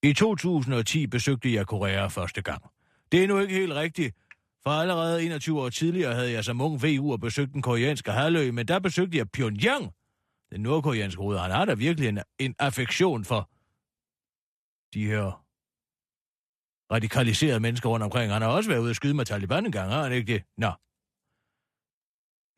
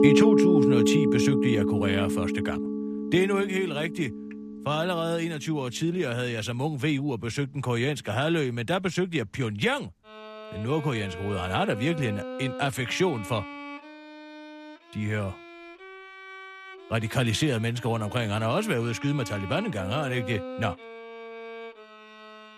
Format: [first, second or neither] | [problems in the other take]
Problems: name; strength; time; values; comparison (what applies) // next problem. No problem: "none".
first | background music; loud; throughout; 1 dB below the speech